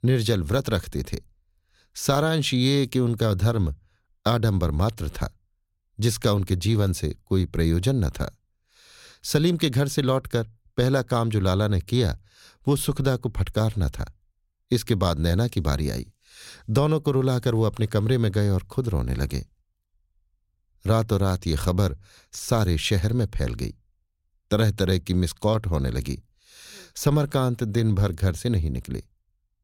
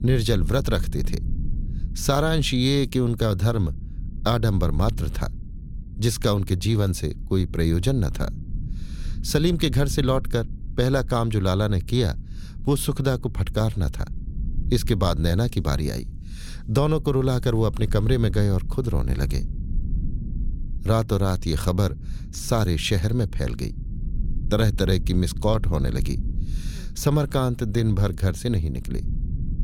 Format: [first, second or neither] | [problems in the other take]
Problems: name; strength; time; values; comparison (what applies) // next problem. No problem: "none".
first | low rumble; noticeable; throughout; 20 dB below the speech